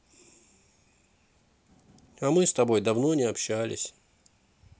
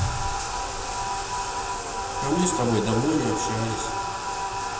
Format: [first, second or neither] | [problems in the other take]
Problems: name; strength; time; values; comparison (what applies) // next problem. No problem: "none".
first | background sound (Bathtub (filling or washing)); as loud as the speech // room echo; dies away in 2.2 s